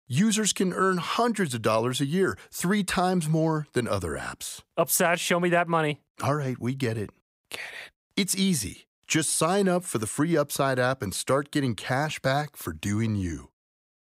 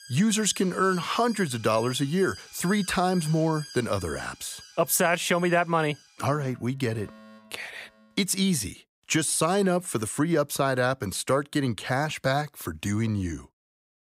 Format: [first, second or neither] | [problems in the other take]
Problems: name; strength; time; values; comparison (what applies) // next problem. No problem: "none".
first | alarms or sirens; noticeable; until 8 s; 20 dB below the speech